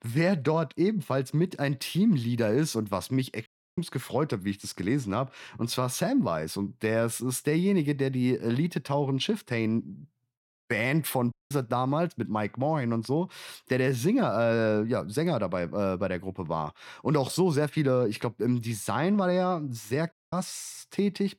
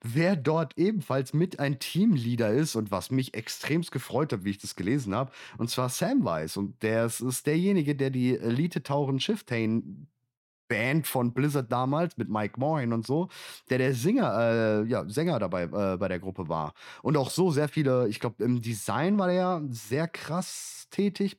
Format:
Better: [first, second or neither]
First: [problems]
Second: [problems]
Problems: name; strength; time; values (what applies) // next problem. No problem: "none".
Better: second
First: audio cutting out; at 3.5 s, at 11 s and at 20 s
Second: none